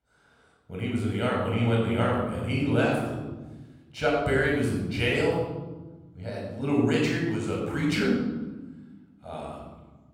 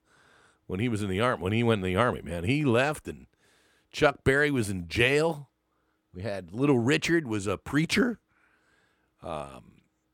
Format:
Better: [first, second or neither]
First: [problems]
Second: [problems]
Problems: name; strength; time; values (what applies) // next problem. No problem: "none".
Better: second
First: off-mic speech; far // room echo; noticeable; dies away in 1.3 s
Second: none